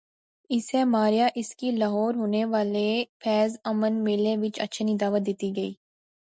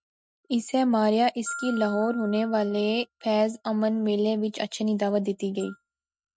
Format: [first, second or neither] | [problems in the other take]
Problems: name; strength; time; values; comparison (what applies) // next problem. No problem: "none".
first | noise reduction (neural mask model RNNoise)